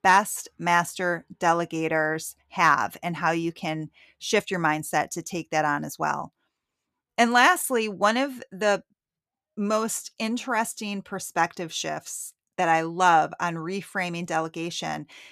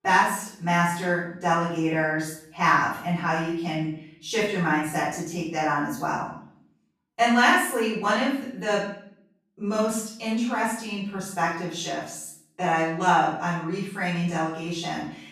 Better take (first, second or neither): first